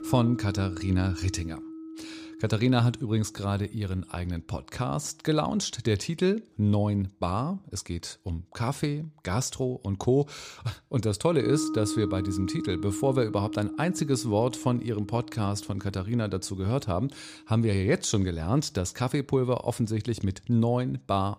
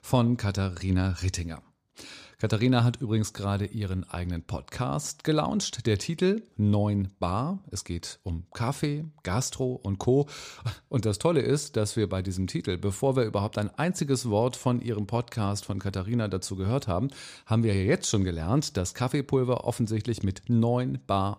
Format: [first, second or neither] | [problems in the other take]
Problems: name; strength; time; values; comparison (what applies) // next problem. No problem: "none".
second | background music; loud; throughout; 9 dB below the speech